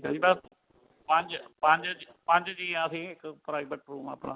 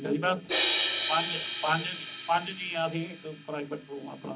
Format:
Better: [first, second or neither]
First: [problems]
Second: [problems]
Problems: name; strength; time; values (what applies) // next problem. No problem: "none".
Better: first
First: none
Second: background sound (Crash cymbal); 2 dB below the speech // room echo; dies away in 0.4 s